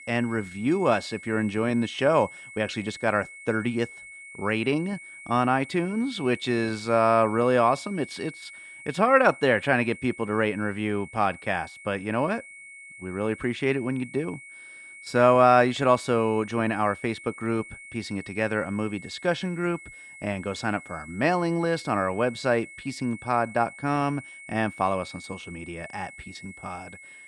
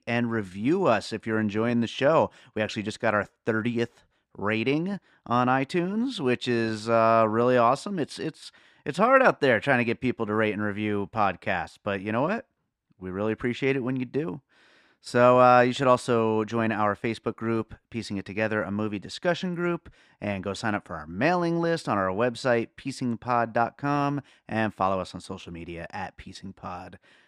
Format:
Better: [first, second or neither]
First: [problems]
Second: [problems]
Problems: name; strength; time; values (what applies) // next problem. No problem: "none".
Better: second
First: high-pitched whine; noticeable; throughout; 2 kHz, 15 dB below the speech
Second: none